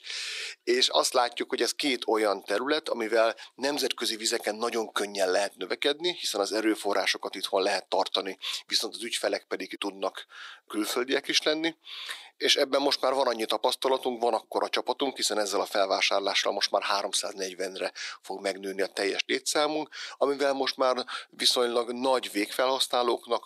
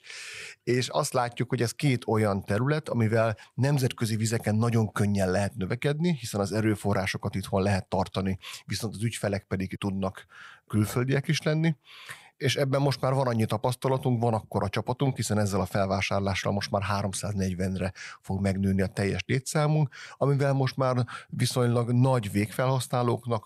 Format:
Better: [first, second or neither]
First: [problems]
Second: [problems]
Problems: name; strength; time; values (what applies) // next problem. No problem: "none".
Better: second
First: thin; very; fading below 300 Hz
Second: none